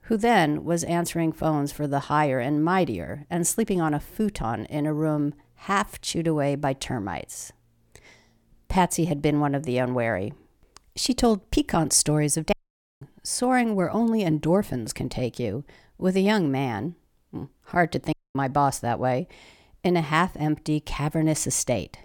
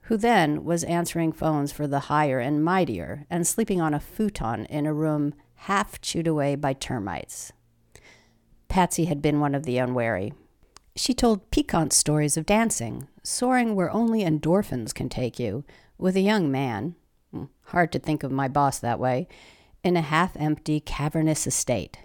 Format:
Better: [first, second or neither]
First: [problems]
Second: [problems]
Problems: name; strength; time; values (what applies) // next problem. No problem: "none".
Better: second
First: audio cutting out; at 13 s and at 18 s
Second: none